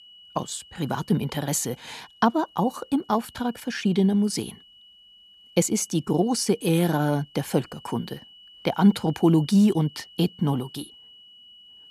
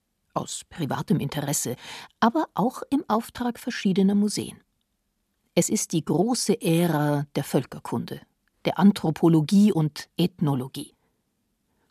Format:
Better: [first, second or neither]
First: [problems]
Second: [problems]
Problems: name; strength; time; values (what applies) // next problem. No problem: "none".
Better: second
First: high-pitched whine; faint; throughout; 3 kHz, 25 dB below the speech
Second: none